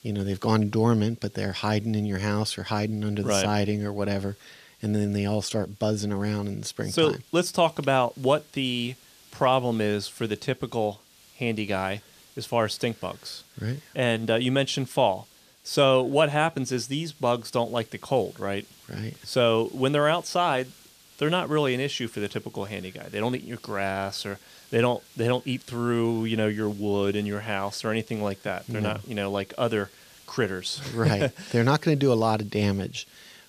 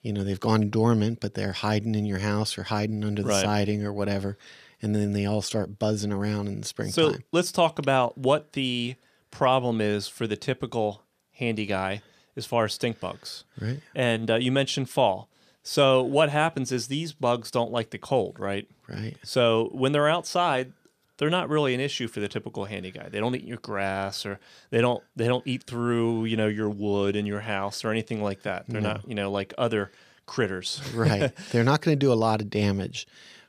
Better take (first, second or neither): second